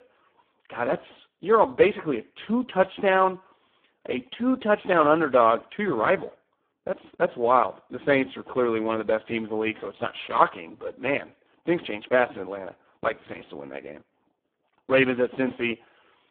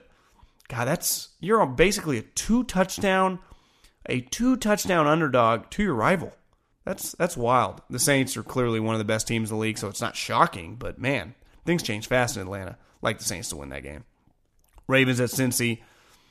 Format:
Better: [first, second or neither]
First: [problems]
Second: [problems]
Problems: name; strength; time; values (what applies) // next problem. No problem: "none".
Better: second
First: phone-call audio; poor line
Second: none